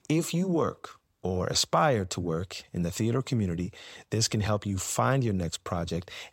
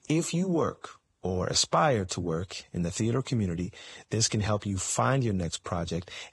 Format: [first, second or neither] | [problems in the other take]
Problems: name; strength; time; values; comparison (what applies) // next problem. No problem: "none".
first | garbled, watery; badly; nothing above 11.5 kHz